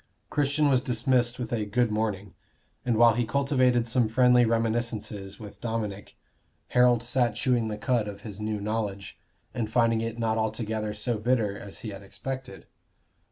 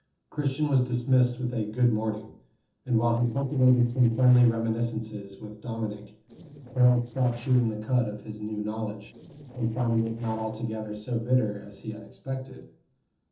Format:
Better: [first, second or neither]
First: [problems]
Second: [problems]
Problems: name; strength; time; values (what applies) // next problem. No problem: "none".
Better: first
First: none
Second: noise reduction (neural separator model SepFormer DNS4)